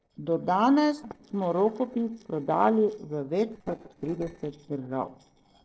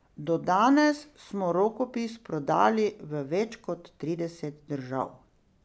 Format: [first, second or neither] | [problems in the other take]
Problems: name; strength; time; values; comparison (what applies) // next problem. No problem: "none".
second | noise reduction (neural separator model SepFormer DNS4)